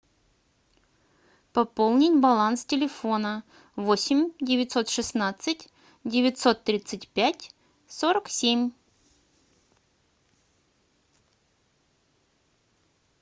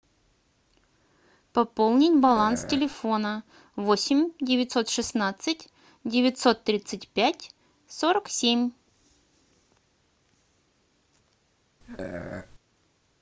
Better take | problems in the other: first | background sound (Burping, eructation); 10 dB below the speech

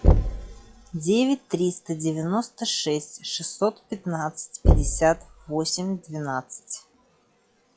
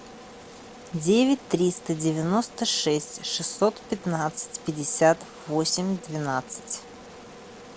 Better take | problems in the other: second | noise reduction (classical method log-MMSE)

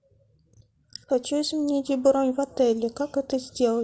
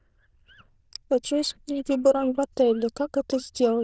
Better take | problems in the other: first | noise reduction (neural diffusion model UNIVERSE++)

